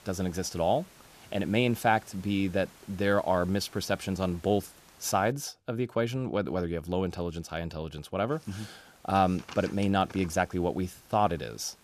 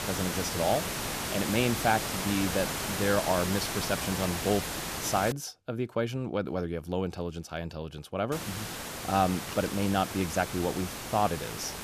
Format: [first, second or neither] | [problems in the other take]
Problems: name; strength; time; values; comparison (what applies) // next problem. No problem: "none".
first | hiss; loud; until 5.5 s and from 8.5 s on; 3 dB below the speech; faint in the first